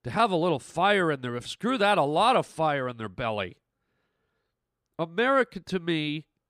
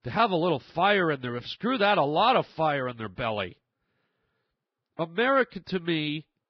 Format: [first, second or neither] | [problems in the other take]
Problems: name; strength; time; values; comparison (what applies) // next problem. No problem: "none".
first | garbled, watery; badly